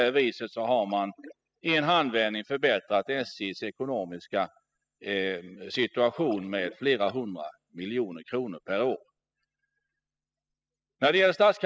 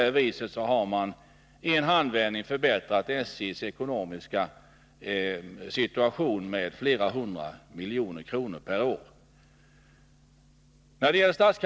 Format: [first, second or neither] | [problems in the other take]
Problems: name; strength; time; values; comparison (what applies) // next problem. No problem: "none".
second | noise reduction (classical method spectral subtraction)